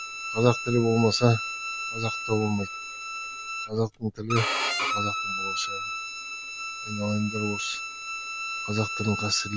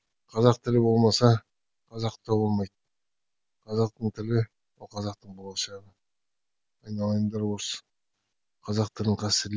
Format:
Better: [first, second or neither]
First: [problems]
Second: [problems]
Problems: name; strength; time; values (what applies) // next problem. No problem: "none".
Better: second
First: background sound (Bowed string instrument); 4 dB below the speech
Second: none